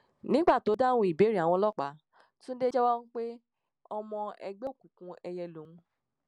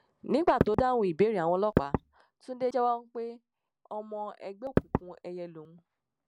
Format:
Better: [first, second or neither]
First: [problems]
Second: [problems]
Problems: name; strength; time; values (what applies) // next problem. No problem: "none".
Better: first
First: none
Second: background sound (Knock / Wood); as loud as the speech